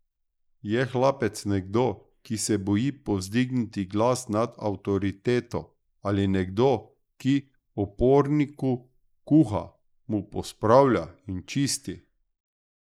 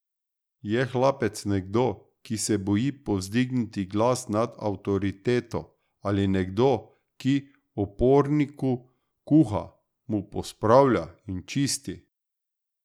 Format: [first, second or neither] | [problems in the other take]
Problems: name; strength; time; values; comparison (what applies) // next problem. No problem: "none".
second | noise reduction (neural mask model Resemble Enhance denoiser)